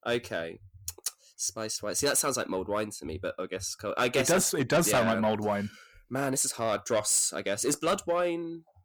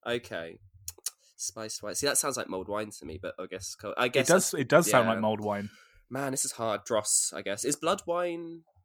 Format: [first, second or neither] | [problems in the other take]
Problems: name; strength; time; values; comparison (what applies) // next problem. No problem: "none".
second | distortion; heavy; 8 dB below the speech